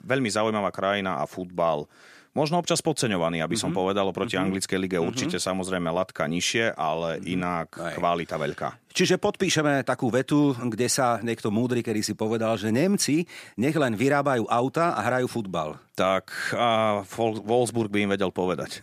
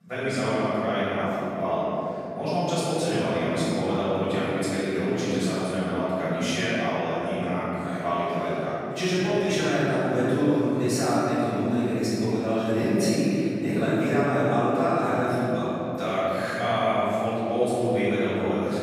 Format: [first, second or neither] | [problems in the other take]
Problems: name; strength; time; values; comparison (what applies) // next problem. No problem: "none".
first | off-mic speech; far // room echo; strong; dies away in 3 s